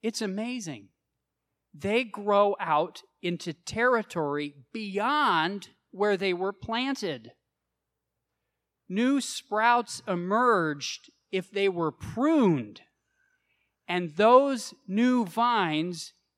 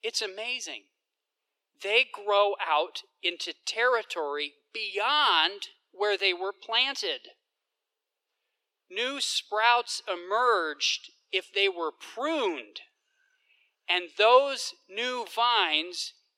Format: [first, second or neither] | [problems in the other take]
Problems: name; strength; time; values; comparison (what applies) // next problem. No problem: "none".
first | thin; very; fading below 350 Hz